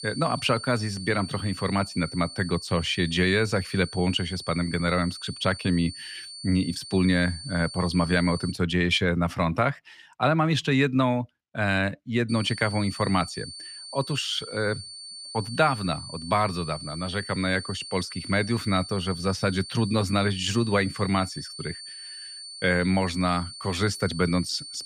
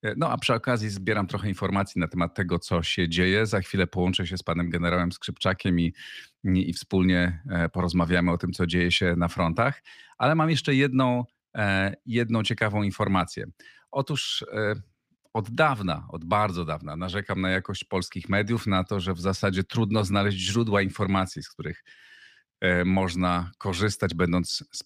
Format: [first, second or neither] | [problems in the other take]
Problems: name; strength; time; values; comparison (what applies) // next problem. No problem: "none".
second | high-pitched whine; noticeable; until 8.5 s and from 12 s on; 4.5 kHz, 10 dB below the speech